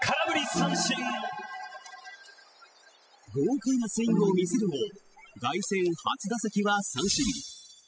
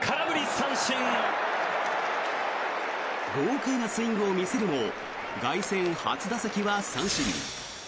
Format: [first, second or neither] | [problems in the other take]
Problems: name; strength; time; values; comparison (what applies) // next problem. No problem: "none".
second | noise reduction (classical method spectral subtraction)